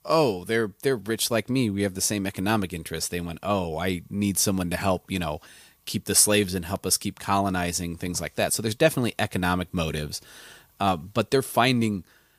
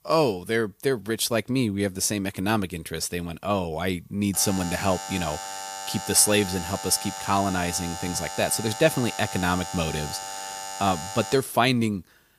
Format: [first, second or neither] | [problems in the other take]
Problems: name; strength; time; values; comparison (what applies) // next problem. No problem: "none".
first | alarm; noticeable; from 4.5 to 11 s; peak 8 dB below the speech